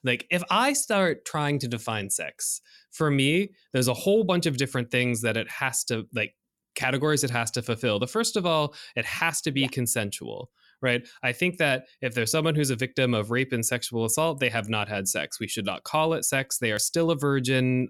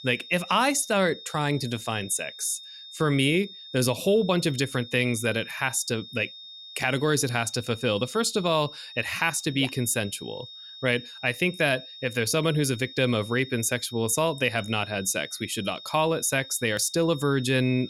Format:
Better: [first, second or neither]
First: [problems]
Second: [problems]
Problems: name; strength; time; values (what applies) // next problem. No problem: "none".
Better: first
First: none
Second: high-pitched whine; noticeable; throughout; 3.5 kHz, 15 dB below the speech